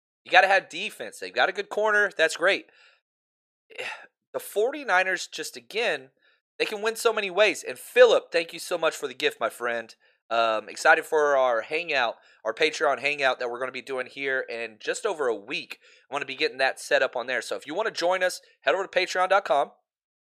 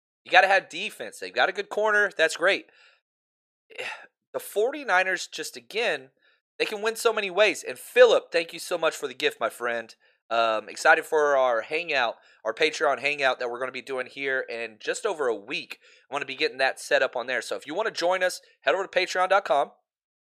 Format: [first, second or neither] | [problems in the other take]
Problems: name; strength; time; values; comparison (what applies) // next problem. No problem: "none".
neither | thin; very; fading below 550 Hz; the same in both